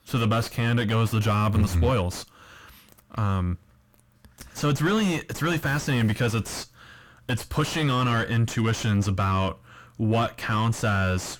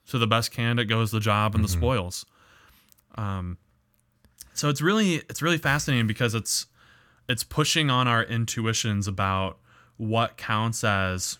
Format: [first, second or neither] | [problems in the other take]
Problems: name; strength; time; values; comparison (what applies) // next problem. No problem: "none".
second | distortion; heavy; 5 dB below the speech